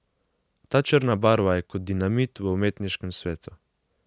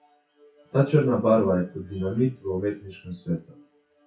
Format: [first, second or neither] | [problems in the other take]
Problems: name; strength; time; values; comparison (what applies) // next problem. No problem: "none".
first | noise reduction (classical method WPE with log-MMSE)